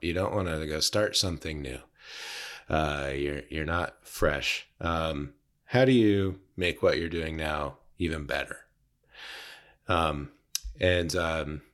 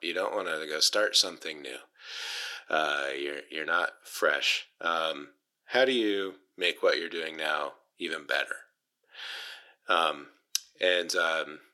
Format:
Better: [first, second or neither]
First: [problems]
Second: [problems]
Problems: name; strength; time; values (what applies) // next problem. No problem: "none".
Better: first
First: none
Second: thin; somewhat; fading below 400 Hz